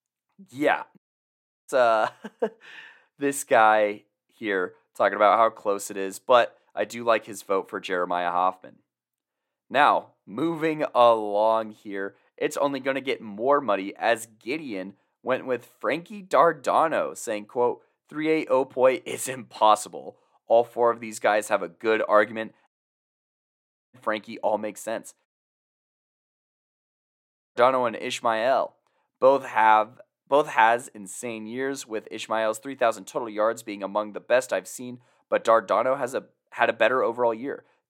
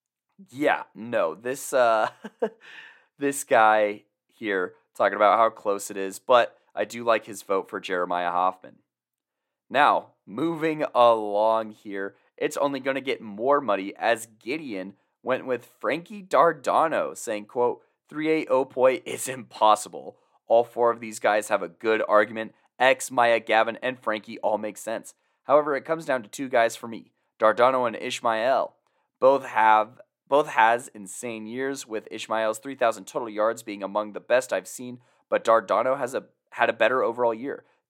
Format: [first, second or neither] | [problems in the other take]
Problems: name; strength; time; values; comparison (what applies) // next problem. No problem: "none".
second | audio cutting out; at 1 s for 0.5 s, at 23 s for 1.5 s and at 25 s for 2.5 s